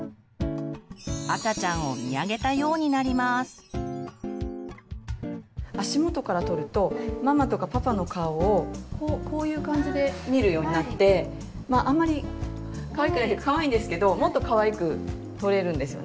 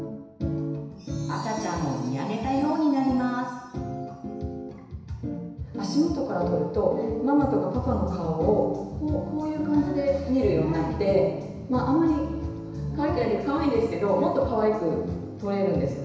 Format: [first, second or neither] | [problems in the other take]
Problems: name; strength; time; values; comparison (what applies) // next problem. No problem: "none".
first | room echo; dies away in 1 s